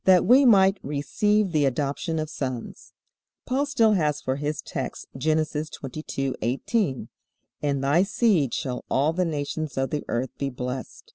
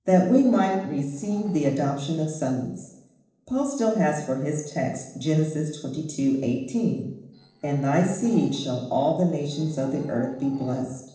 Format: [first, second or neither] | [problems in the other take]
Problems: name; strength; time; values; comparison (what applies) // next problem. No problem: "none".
first | noise reduction (neural separator model SepFormer DNS4)